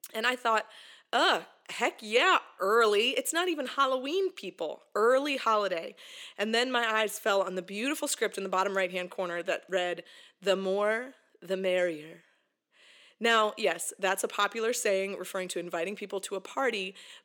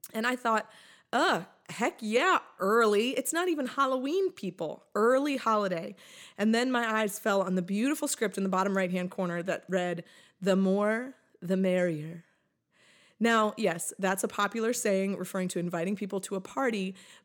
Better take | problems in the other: second | thin; somewhat; fading below 400 Hz

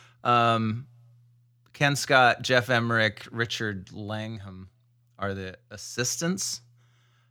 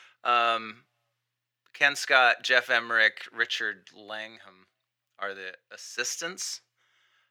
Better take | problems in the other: first | thin; very; fading below 500 Hz

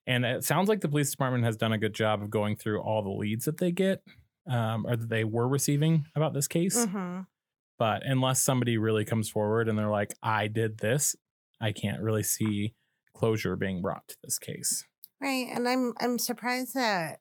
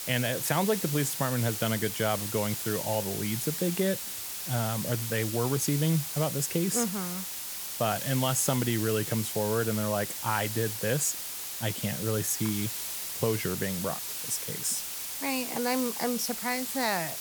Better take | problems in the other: first | hiss; loud; throughout; 3 dB below the speech

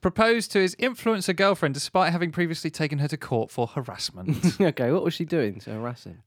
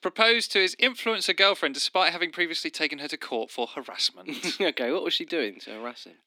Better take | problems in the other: first | thin; somewhat; fading below 250 Hz

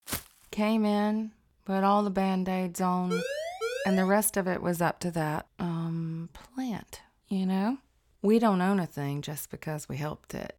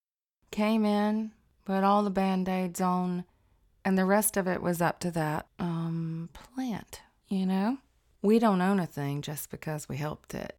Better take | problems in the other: second | footsteps; noticeable; at the start; peak 7 dB below the speech // siren; noticeable; from 3 to 4 s; peak 4 dB below the speech

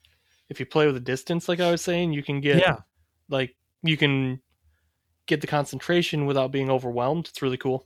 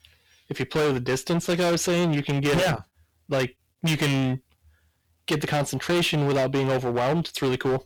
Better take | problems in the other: first | distortion; heavy; 20% of the sound clipped

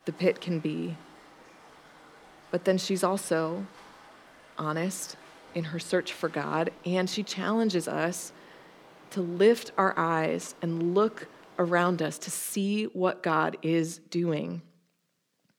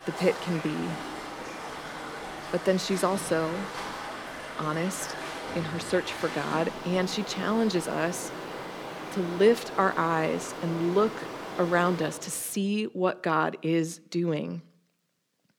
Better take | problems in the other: first | rain or running water; loud; until 12 s; 9 dB below the speech; faint in the first

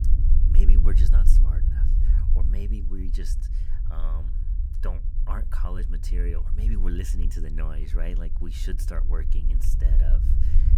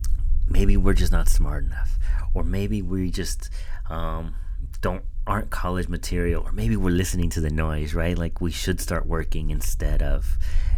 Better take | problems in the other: second | low rumble; loud; throughout; 4 dB below the speech; faint in the second

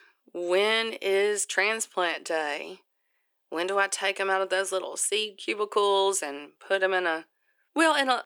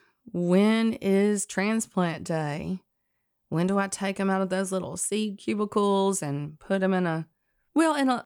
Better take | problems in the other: second | thin; very; fading below 350 Hz

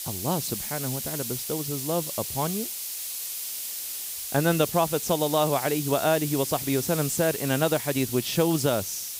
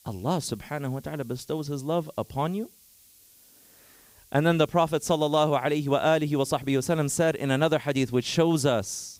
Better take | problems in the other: second | hiss; loud; throughout; 4 dB below the speech; faint in the second

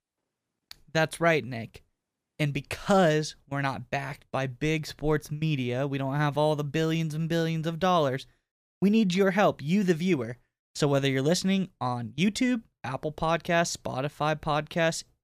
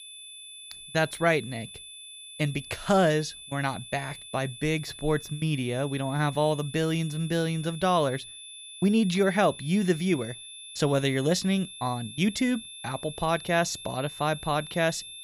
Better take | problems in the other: first | high-pitched whine; noticeable; throughout; 3.5 kHz, 15 dB below the speech

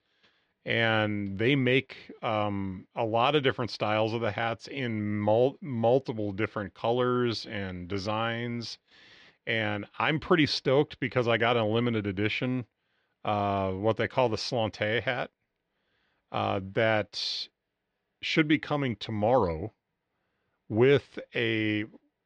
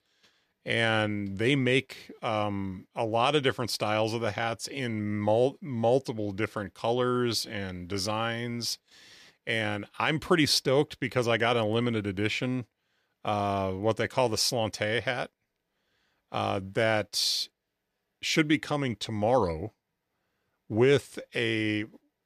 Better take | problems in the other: second | muffled; very slightly; fading above 4 kHz

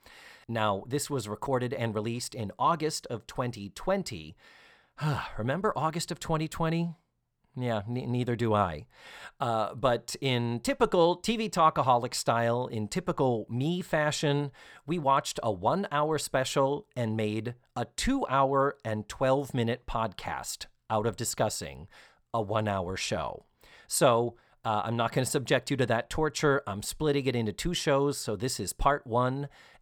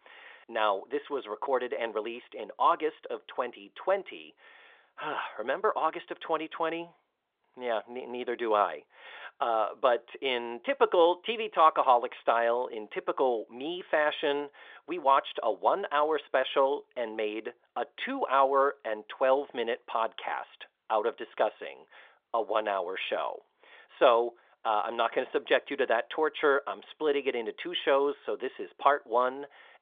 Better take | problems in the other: first | phone-call audio; nothing above 3.5 kHz

